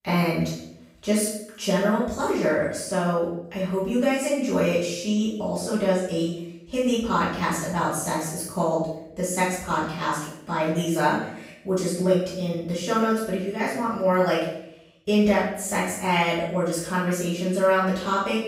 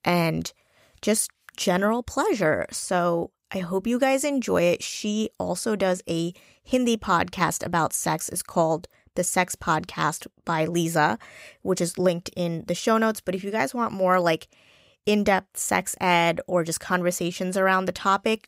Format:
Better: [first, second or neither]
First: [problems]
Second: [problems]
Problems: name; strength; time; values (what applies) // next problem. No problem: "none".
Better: second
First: off-mic speech; far // room echo; noticeable; dies away in 0.6 s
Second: none